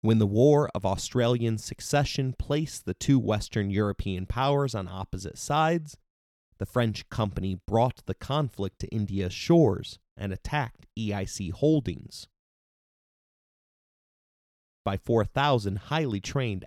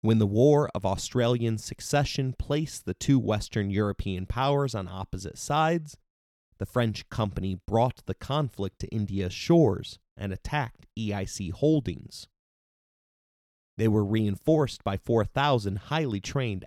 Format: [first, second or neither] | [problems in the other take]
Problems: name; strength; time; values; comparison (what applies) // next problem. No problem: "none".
second | audio cutting out; at 14 s for 1 s